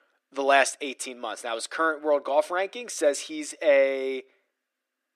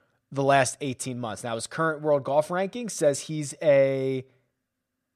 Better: second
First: thin; somewhat; fading below 300 Hz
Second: none

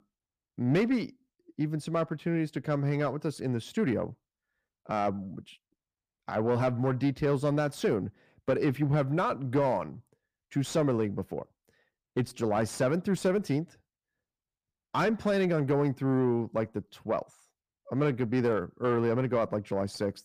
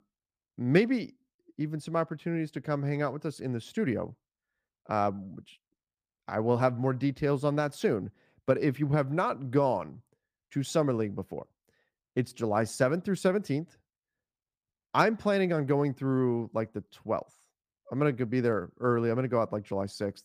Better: second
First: distortion; slight; 10 dB below the speech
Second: none

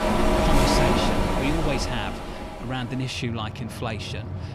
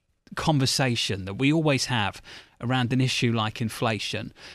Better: second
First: train or aircraft noise; very loud; throughout; 4 dB above the speech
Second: none

